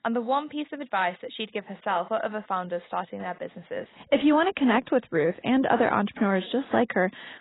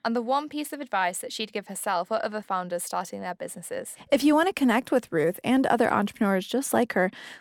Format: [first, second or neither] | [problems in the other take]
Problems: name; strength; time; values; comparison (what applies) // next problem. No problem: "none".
second | garbled, watery; badly; nothing above 4 kHz